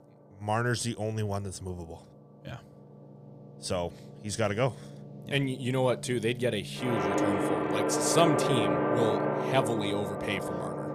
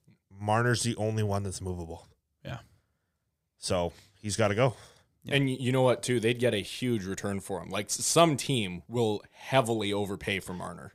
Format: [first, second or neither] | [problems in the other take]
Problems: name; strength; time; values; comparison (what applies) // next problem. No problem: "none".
second | background music; very loud; throughout; 1 dB above the speech